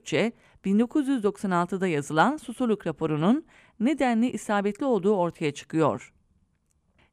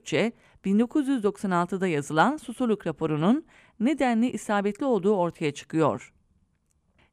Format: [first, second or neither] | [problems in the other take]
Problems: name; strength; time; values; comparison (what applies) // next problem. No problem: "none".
neither | none